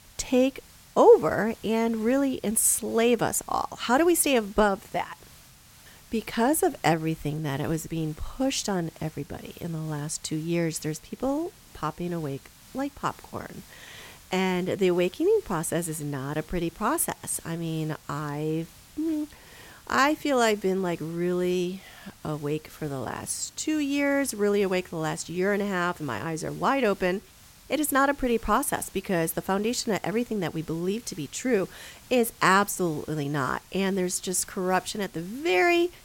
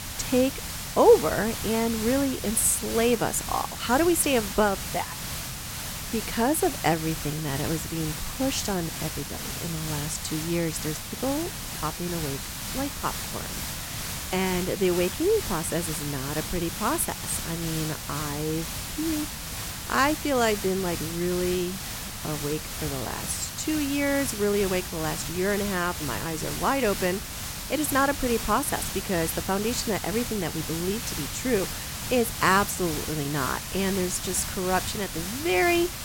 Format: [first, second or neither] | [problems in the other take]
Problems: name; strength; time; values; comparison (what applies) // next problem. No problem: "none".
first | hiss; loud; throughout; 5 dB below the speech; faint in the first